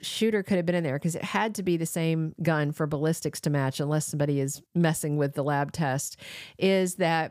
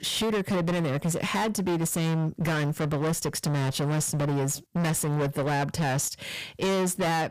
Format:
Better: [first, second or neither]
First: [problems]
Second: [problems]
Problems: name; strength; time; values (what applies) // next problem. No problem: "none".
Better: first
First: none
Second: distortion; heavy; 32% of the sound clipped